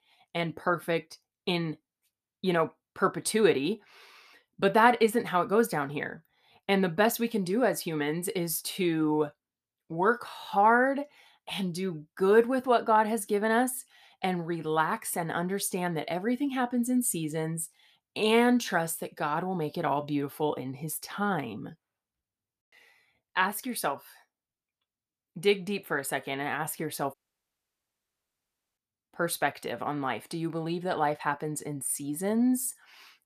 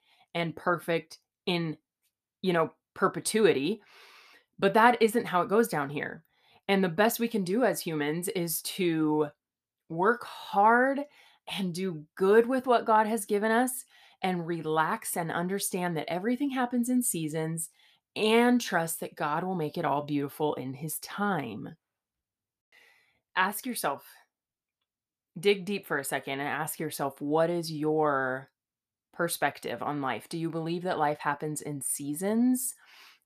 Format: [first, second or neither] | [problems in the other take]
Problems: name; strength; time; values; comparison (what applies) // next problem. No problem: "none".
second | audio cutting out; at 27 s for 1.5 s